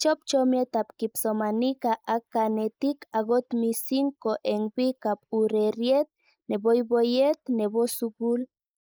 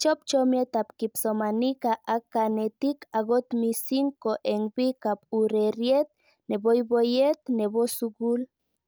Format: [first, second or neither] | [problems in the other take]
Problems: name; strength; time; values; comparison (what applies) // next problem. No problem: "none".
second | noise reduction (neural mask model Resemble Enhance denoiser)